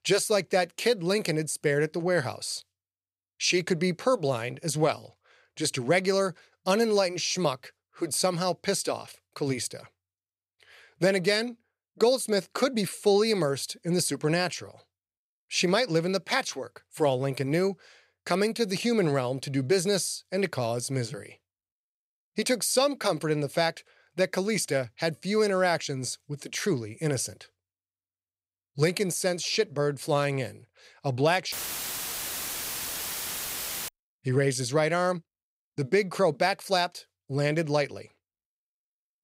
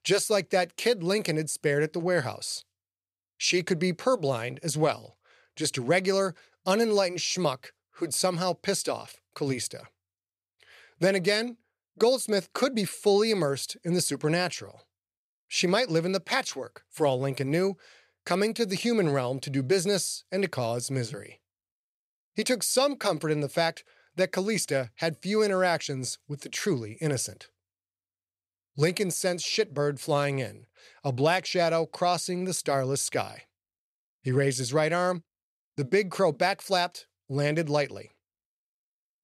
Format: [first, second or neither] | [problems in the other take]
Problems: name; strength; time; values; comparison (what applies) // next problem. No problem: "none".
second | audio cutting out; filled with static; at 32 s for 2.5 s